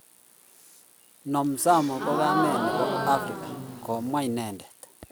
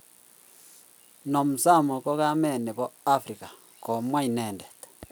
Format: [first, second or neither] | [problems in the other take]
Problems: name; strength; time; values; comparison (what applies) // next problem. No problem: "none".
second | background sound (Gasp); 2 dB below the speech